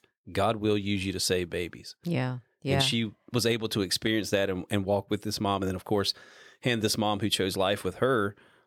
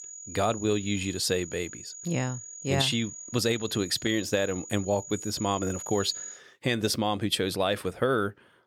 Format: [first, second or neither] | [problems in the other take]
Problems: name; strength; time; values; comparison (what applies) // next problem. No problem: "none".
first | high-pitched whine; noticeable; until 6.5 s; 7 kHz, 10 dB below the speech